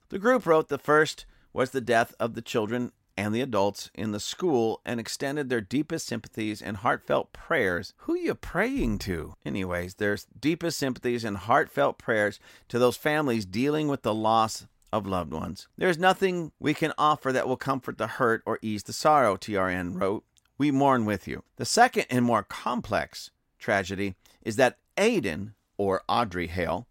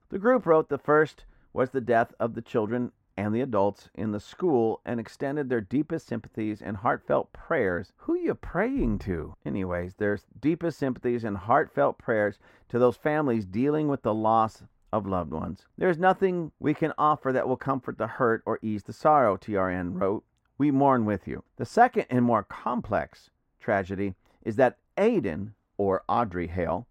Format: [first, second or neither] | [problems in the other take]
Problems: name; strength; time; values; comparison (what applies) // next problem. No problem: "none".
first | muffled; very; fading above 2.5 kHz